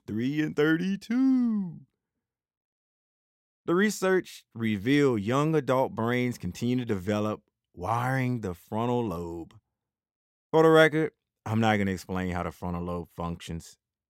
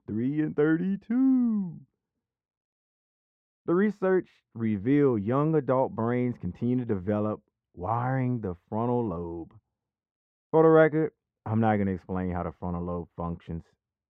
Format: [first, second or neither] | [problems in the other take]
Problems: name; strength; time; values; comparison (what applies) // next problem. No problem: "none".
first | muffled; very; fading above 3.5 kHz